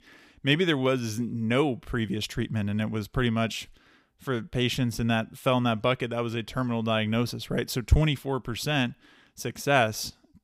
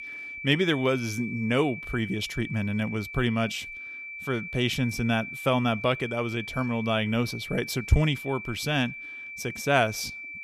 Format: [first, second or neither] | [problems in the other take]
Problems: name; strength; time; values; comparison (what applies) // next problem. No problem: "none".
first | high-pitched whine; loud; throughout; 2.5 kHz, 9 dB below the speech